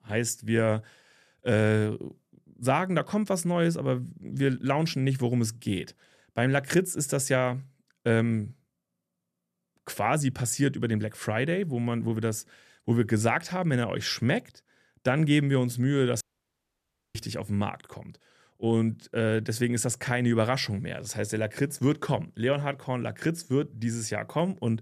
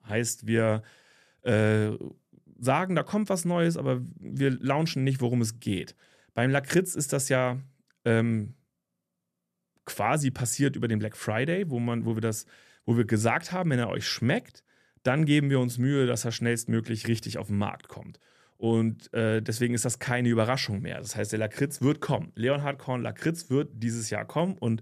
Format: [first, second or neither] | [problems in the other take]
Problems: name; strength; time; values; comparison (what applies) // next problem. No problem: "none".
second | audio cutting out; at 16 s for 1 s